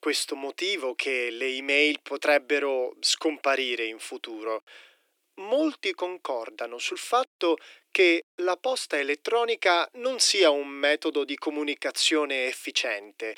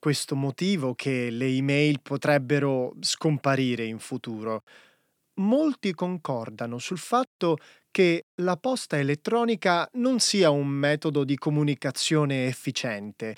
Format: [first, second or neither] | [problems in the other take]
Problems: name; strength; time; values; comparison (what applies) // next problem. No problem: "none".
second | thin; somewhat; fading below 300 Hz